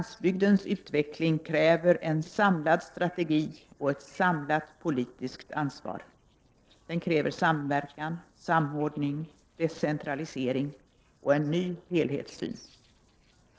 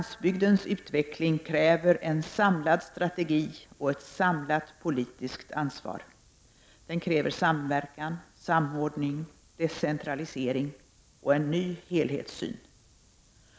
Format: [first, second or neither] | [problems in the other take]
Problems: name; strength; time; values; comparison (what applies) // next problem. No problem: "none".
second | noise reduction (neural separator model SepFormer DNS4)